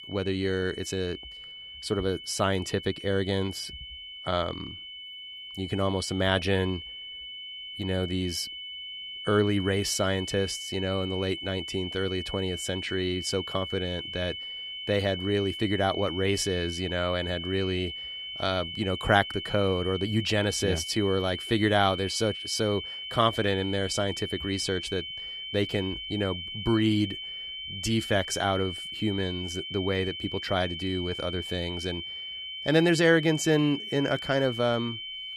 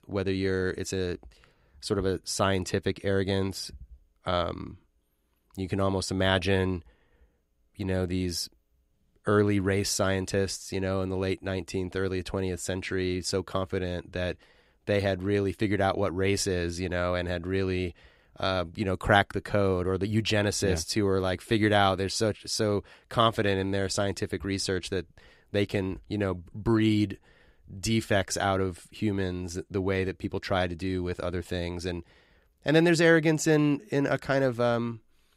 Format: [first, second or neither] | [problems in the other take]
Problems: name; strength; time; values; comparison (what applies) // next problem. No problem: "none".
second | high-pitched whine; loud; throughout; 3 kHz, 7 dB below the speech